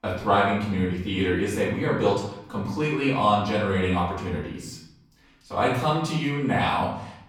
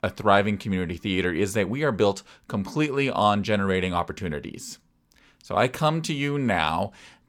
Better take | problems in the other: second | off-mic speech; far // room echo; noticeable; dies away in 0.7 s

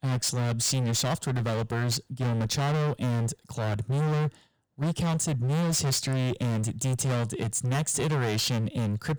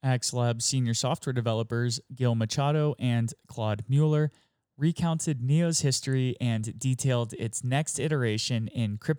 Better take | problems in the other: second | distortion; heavy; 36% of the sound clipped

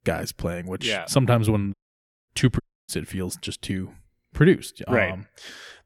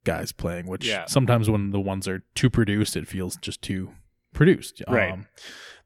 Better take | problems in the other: second | audio cutting out; at 1.5 s for 0.5 s and at 2.5 s

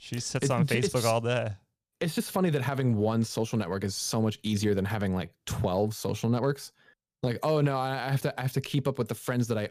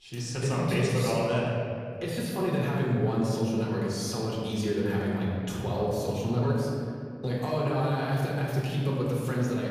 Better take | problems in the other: first | room echo; noticeable; dies away in 2.2 s // off-mic speech; far

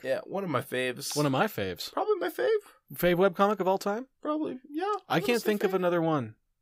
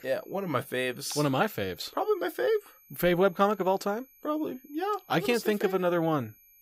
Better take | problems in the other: first | high-pitched whine; faint; throughout; 12 kHz, 25 dB below the speech

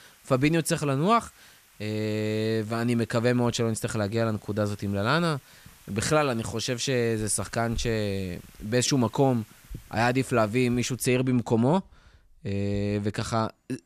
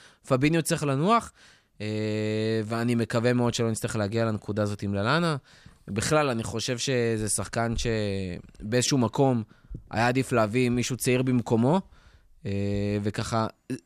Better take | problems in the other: second | hiss; faint; until 11 s; 25 dB below the speech

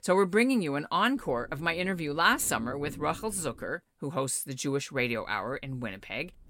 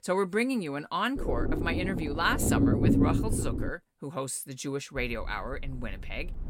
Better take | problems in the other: first | low rumble; loud; from 1 to 3.5 s and from 5 s on; 2 dB below the speech; faint in the first

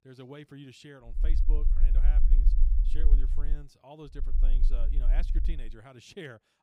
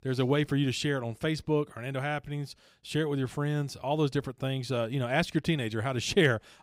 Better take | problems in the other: second | low rumble; loud; from 1 to 3.5 s and from 4 to 5.5 s; 6 dB below the speech

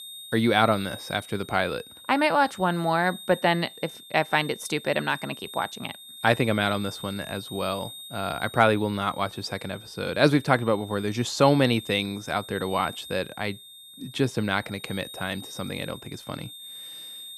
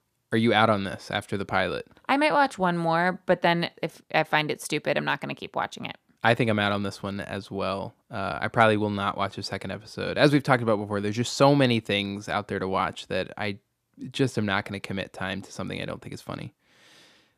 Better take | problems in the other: second | high-pitched whine; noticeable; throughout; 3.5 kHz, 15 dB below the speech

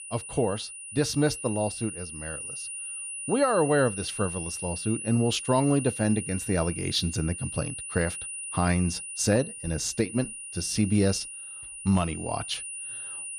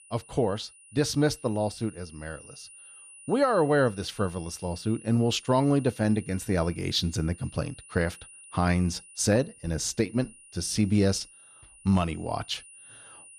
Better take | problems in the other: second | high-pitched whine; loud; throughout; 9.5 kHz, 7 dB below the speech; faint in the second

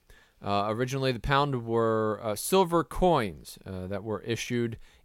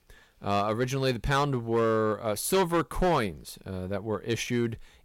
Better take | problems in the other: first | distortion; slight; 5% of the sound clipped

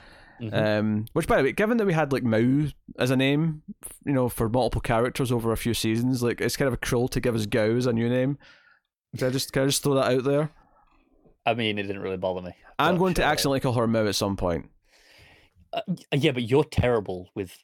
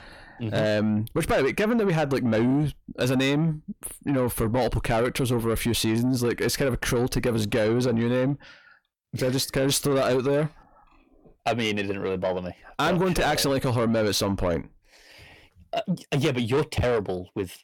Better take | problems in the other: first | distortion; slight; 10 dB below the speech

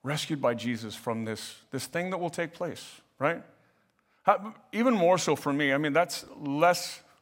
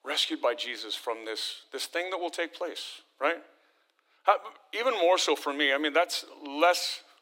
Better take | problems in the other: first | thin; somewhat; fading below 300 Hz

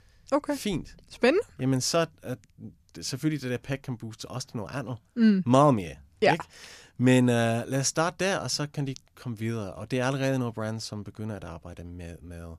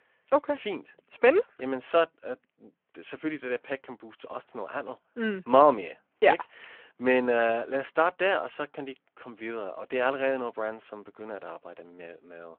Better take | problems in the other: first | phone-call audio

